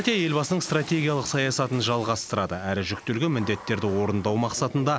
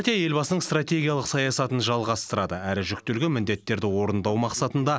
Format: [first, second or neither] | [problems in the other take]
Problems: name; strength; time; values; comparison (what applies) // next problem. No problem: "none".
second | background sound (Water / Splash, splatter); 19 dB below the speech